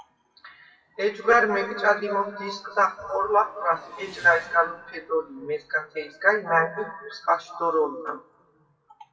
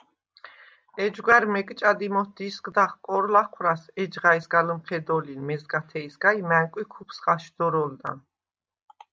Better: second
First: noise reduction (classical method WPE with log-MMSE)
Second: none

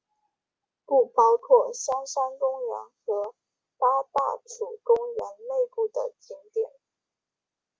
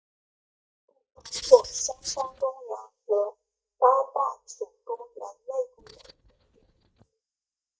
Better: first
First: none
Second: noise reduction (neural mask model DeepFilterNet 3)

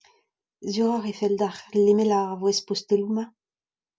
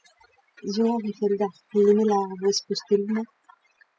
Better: first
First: none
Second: noise reduction (classical method spectral subtraction)

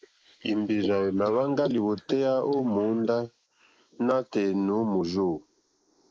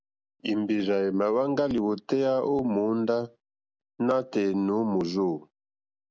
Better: second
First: noise reduction (neural mask model Resemble Enhance denoiser)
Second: none

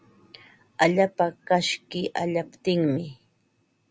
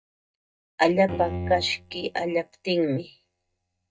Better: first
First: none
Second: noise reduction (neural mask model DeepFilterNet 3)

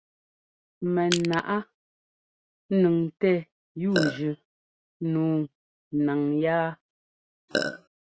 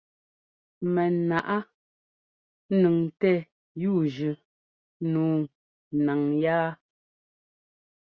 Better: second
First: background sound (Burping, eructation + Crushing); 2 dB below the speech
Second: none

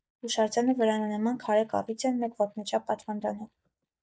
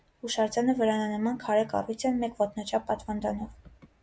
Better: second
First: noise reduction (neural mask model DeepFilterNet 3)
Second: none

